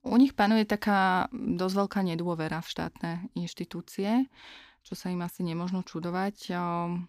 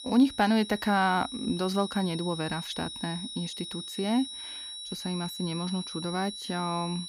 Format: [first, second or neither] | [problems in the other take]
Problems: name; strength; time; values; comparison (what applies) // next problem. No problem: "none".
first | high-pitched whine; loud; throughout; 4 kHz, 8 dB below the speech